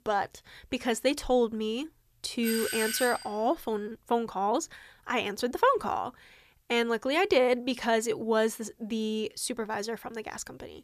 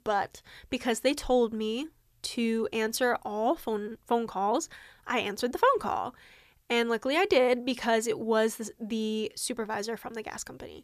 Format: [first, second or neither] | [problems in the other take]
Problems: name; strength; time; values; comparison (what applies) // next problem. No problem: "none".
second | doorbell; noticeable; at 2.5 s; peak 2 dB below the speech